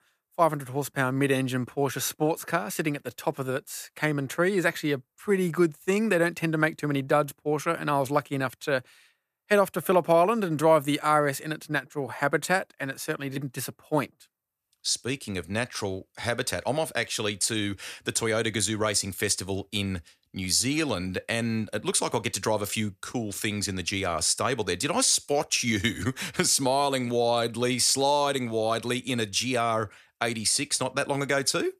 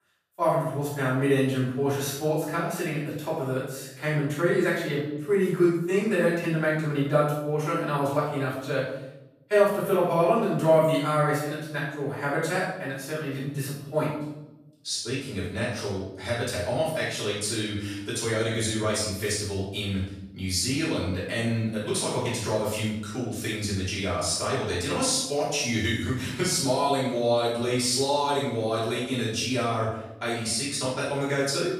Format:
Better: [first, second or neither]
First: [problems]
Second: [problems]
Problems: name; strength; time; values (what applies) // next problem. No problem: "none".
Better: first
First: none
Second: off-mic speech; far // room echo; noticeable; dies away in 0.9 s